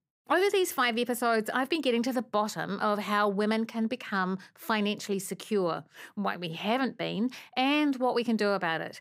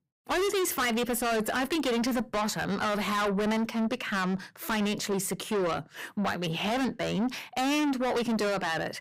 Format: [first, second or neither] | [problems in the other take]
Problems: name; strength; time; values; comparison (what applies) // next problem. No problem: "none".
first | distortion; heavy; 6 dB below the speech